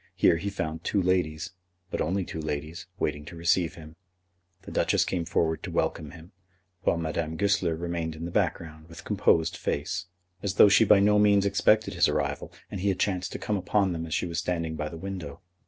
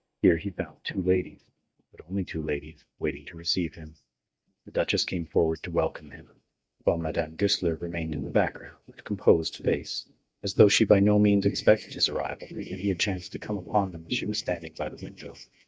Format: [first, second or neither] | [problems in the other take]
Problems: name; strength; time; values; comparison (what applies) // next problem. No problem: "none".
first | noise reduction (neural mask model DeepFilterNet 3)